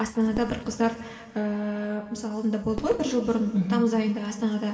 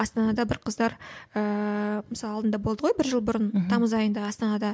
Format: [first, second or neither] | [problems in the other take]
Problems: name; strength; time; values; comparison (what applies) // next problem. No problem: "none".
second | background sound (Fireworks); 17 dB below the speech // room echo; dies away in 3 s